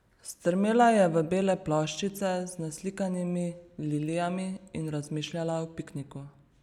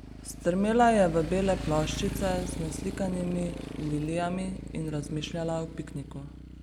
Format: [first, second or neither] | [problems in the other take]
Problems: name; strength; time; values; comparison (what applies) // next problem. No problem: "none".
first | background sound (Motorcycle); 9 dB below the speech